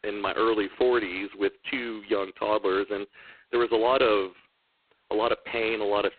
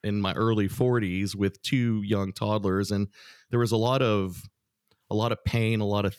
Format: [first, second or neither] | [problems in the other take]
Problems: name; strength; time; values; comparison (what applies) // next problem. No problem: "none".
second | phone-call audio; poor line; nothing above 4 kHz